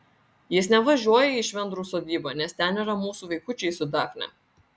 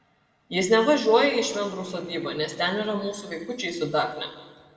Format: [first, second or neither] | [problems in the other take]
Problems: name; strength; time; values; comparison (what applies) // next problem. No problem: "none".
first | noise reduction (neural separator model SepFormer DNS4)